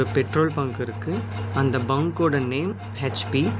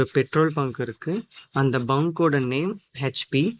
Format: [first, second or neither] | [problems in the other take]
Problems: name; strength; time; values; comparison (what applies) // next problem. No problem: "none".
first | noise reduction (neural mask model Resemble Enhance denoiser)